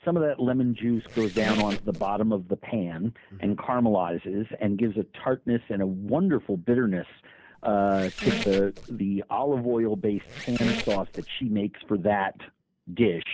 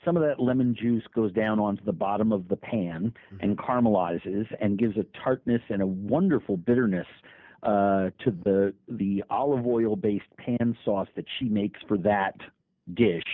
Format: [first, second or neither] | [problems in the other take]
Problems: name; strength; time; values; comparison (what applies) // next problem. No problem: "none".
second | background sound (Squeak); 8 dB below the speech